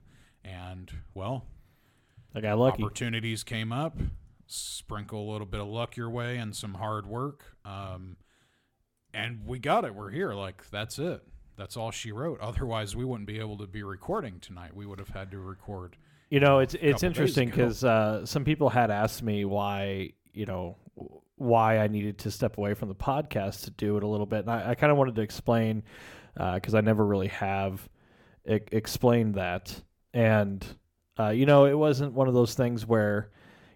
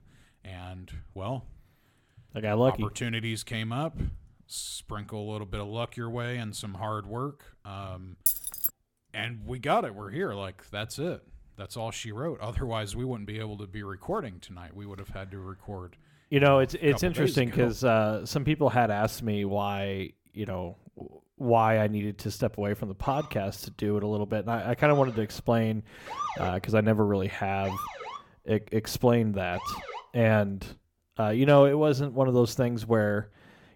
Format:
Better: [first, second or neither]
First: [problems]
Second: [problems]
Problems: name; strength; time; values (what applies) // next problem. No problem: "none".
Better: first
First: none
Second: jangling keys; loud; at 8.5 s; peak 2 dB above the speech // siren; noticeable; from 23 to 30 s; peak 6 dB below the speech